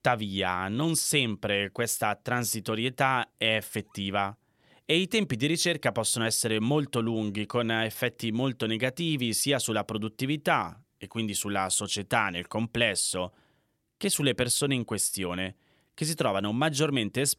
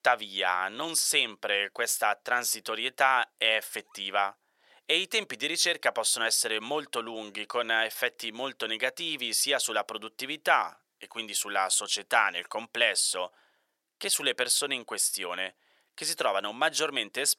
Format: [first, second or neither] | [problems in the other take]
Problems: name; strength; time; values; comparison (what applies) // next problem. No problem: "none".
first | thin; very; fading below 650 Hz